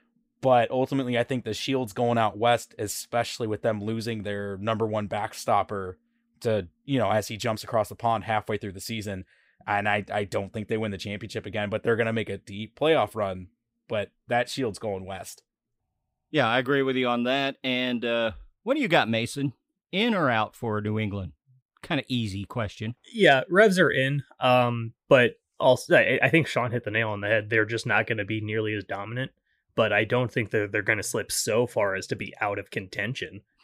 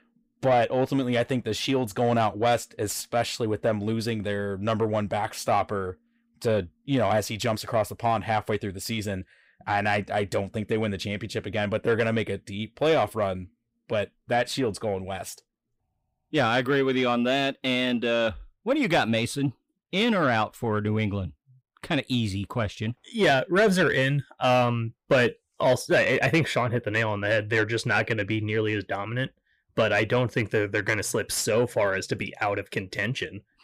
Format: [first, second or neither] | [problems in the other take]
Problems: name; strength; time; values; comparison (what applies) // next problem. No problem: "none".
first | distortion; slight; 10 dB below the speech